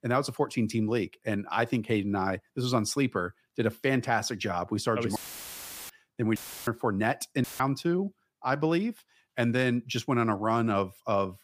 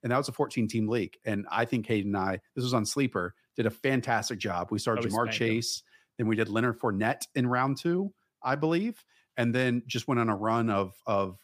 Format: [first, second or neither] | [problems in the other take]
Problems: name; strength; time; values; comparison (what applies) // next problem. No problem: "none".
second | audio cutting out; filled with static; at 5 s for 0.5 s, at 6.5 s and at 7.5 s